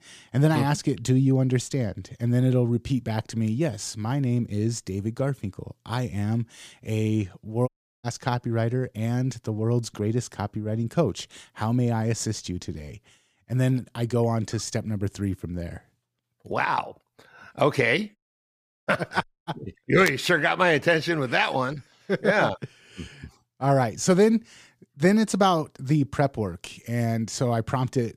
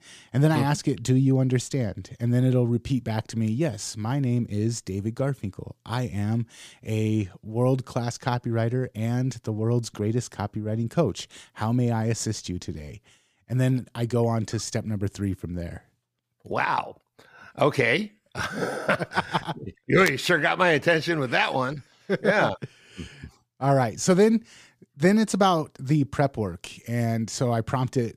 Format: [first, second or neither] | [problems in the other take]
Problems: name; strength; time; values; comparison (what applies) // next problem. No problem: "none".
second | audio cutting out; at 7.5 s, at 18 s for 0.5 s and at 19 s